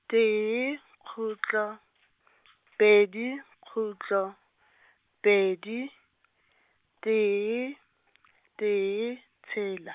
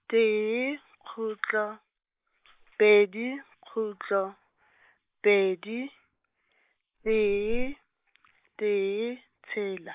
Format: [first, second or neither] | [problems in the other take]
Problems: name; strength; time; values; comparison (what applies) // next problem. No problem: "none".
first | noise reduction (neural mask model Resemble Enhance denoiser)